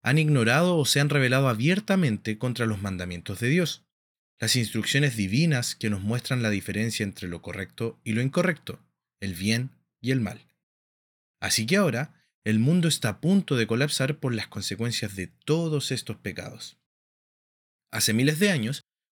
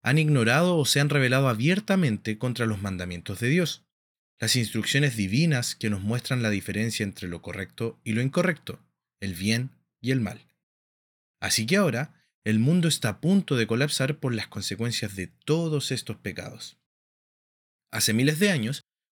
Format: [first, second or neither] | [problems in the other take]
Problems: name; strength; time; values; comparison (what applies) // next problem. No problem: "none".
neither | none